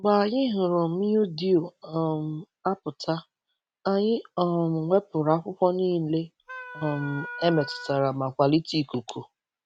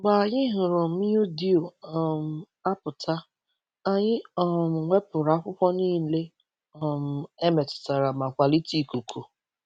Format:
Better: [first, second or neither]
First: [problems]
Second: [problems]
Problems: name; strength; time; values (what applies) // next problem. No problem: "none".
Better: second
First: background sound (Wind instrument, woodwind instrument); 13 dB below the speech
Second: none